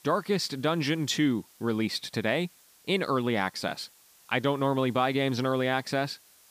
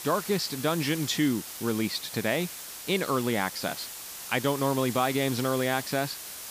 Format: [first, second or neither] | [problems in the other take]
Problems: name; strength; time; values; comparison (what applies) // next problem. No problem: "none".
first | hiss; loud; throughout; 9 dB below the speech; faint in the first